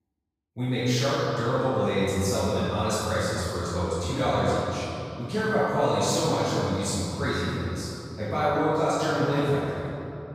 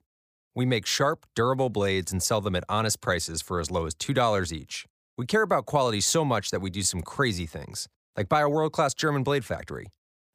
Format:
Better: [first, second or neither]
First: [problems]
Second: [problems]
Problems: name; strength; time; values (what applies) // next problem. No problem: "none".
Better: second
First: off-mic speech; far // room echo; strong; dies away in 2.6 s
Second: none